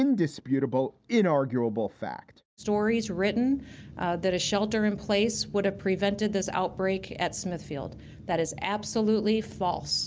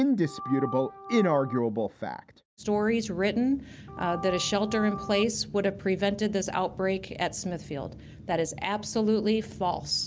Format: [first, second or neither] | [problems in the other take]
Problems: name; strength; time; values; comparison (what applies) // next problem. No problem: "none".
first | background sound (Organ); 10 dB below the speech